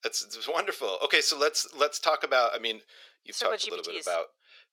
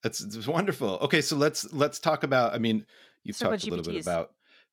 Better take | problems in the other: second | thin; very; fading below 450 Hz

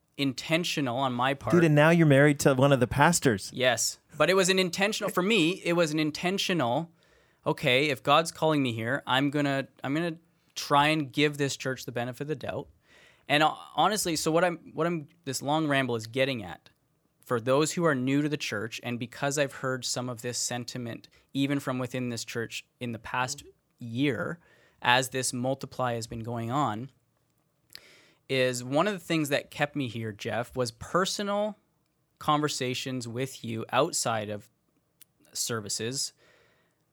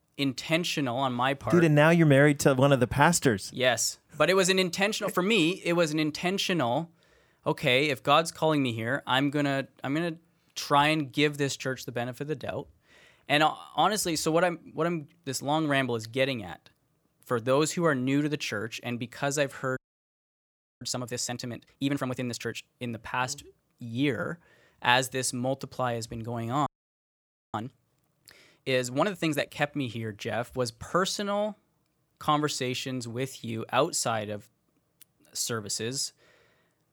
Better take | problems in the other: first | audio freezing; at 20 s for 1 s and at 27 s for 1 s

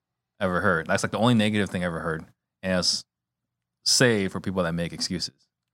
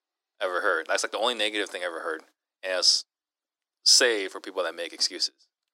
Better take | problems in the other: first | thin; very; fading below 300 Hz

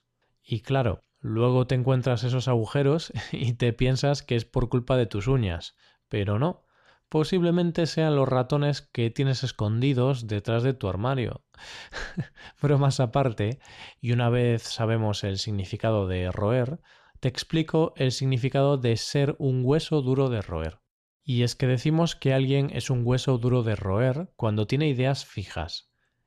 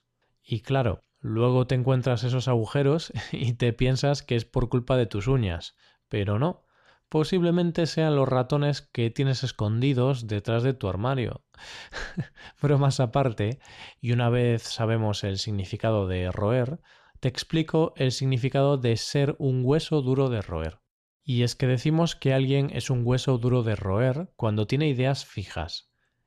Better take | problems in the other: neither | none

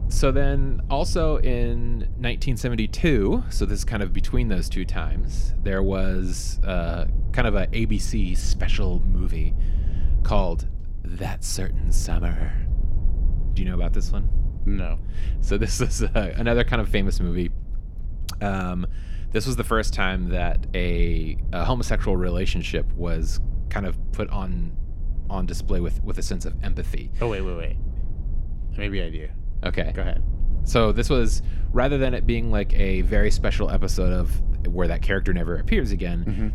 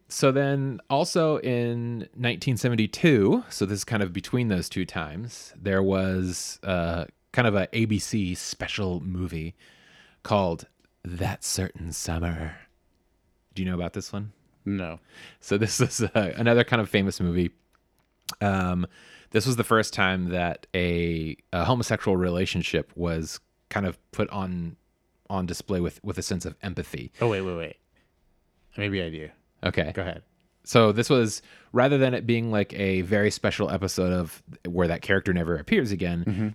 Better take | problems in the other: second | low rumble; noticeable; throughout; 20 dB below the speech

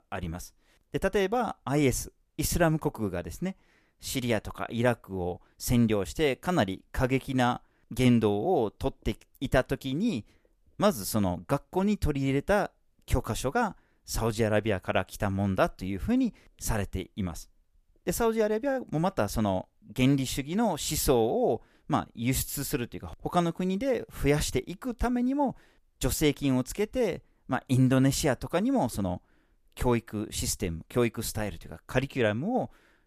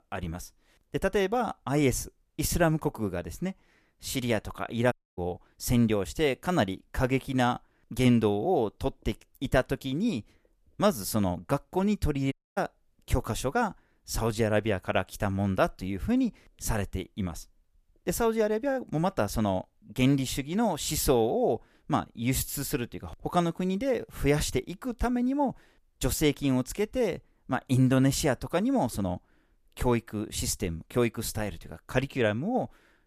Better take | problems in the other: first | audio cutting out; at 5 s and at 12 s

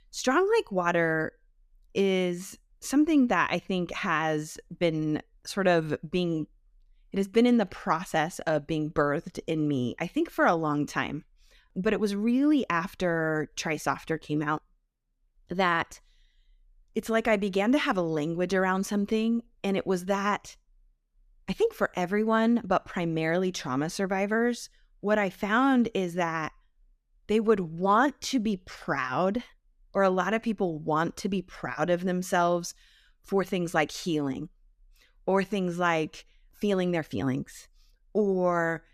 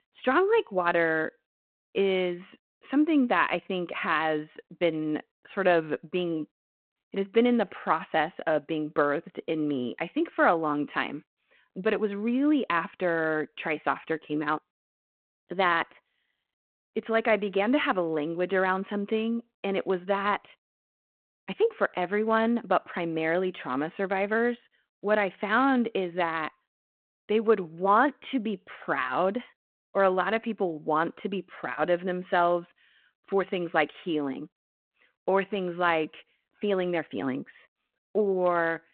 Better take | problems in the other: first | phone-call audio

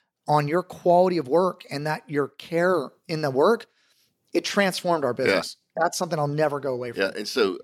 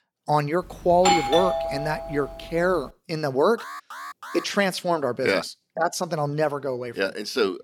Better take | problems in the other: first | doorbell; loud; from 1 to 2 s; peak 4 dB above the speech // alarm; faint; at 3.5 s; peak 10 dB below the speech

